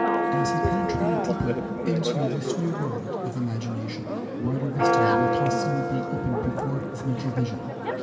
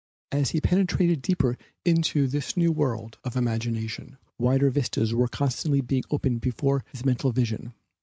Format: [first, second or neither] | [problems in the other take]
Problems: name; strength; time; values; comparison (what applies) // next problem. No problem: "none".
second | background sound (Church bell); 2 dB above the speech // room echo; dies away in 2.2 s